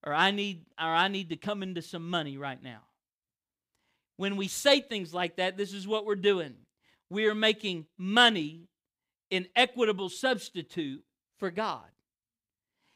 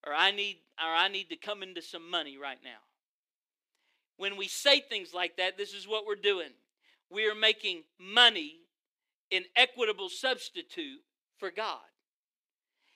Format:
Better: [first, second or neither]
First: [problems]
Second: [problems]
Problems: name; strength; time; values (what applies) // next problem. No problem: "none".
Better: first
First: none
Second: thin; somewhat; fading below 300 Hz